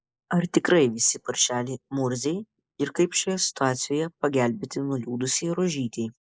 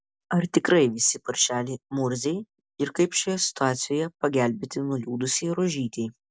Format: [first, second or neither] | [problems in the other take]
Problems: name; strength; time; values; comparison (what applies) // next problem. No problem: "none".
second | noise reduction (neural mask model Resemble Enhance denoiser)